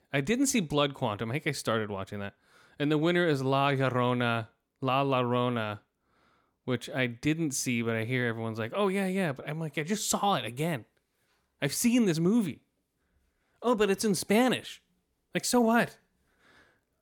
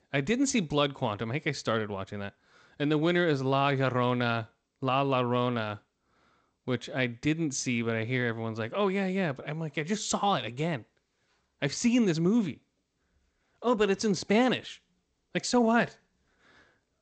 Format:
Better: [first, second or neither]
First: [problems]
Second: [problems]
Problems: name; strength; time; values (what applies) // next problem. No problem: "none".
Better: first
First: none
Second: garbled, watery; slightly; nothing above 8 kHz